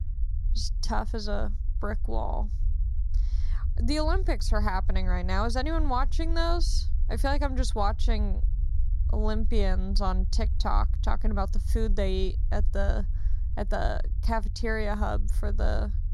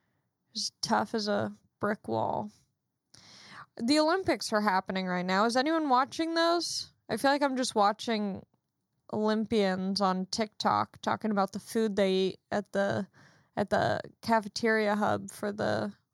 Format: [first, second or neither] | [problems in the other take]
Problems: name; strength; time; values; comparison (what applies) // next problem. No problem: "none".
second | low rumble; noticeable; throughout; 20 dB below the speech